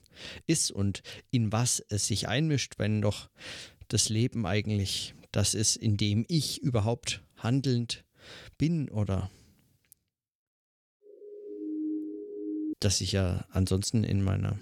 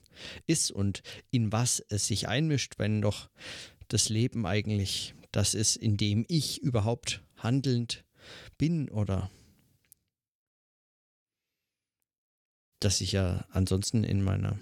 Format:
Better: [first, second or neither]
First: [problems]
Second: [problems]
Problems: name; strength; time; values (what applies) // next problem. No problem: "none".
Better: second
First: siren; noticeable; from 11 to 13 s; peak 5 dB below the speech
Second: none